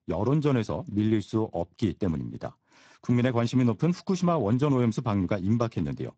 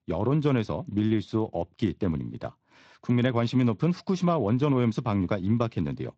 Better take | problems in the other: second | garbled, watery; badly; nothing above 7.5 kHz; slightly in the second

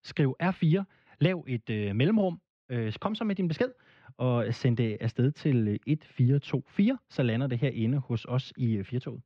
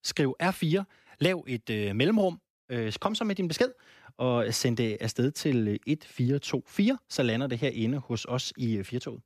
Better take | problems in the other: second | muffled; slightly; fading above 3.5 kHz

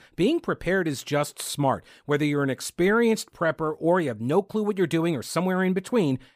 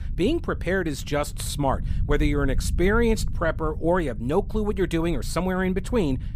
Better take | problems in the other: first | low rumble; faint; throughout; 20 dB below the speech

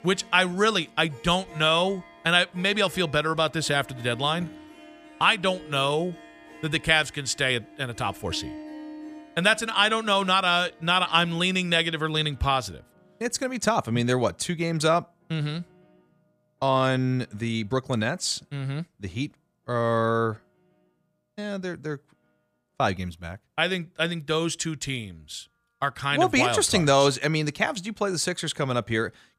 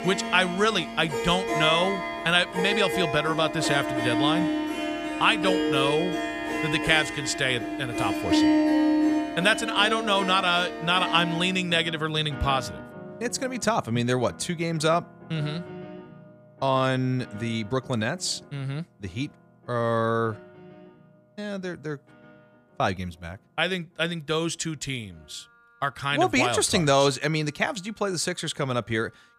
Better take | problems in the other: first | background music; loud; throughout; 3 dB below the speech; faint in the first

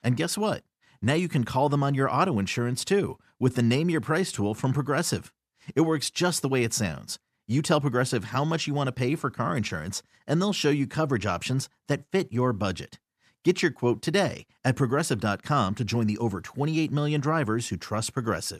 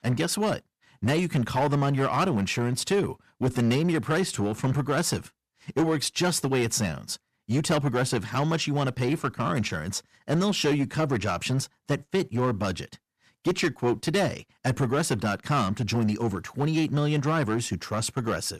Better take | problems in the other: first | distortion; slight; 7% of the sound clipped

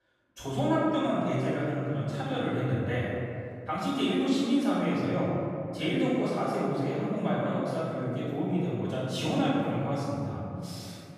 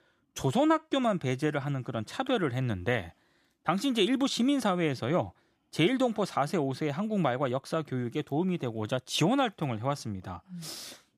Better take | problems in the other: second | off-mic speech; far // room echo; strong; dies away in 2.5 s

